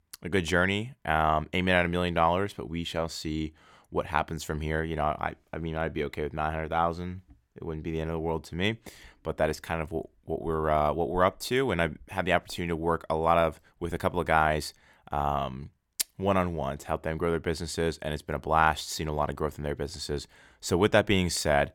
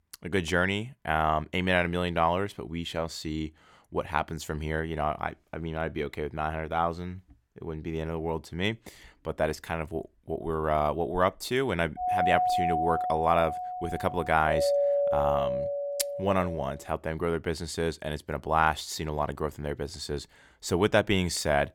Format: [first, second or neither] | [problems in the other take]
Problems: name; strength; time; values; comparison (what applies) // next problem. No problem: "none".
first | doorbell; loud; from 12 to 17 s; peak 5 dB above the speech